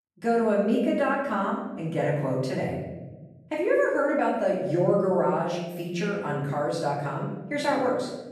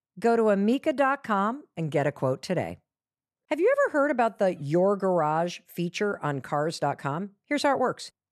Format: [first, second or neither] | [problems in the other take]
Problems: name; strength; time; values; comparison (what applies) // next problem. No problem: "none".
second | off-mic speech; far // room echo; noticeable; dies away in 1.2 s